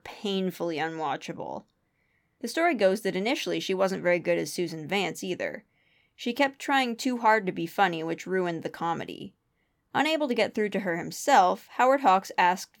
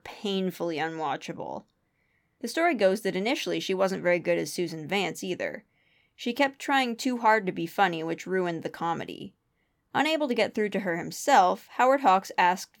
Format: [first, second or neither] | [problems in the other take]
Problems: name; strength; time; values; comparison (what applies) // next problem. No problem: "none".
neither | none